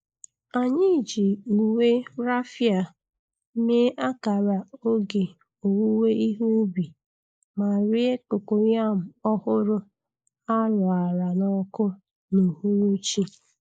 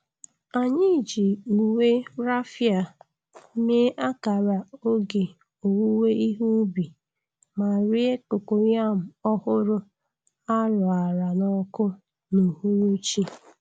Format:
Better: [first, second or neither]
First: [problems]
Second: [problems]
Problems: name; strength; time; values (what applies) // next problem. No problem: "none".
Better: second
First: noise reduction (neural mask model Resemble Enhance denoiser)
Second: none